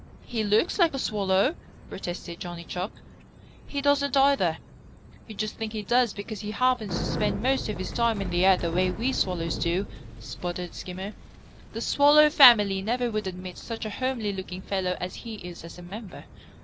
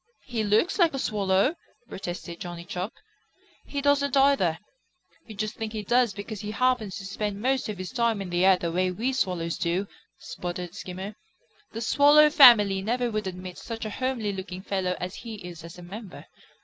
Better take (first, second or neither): second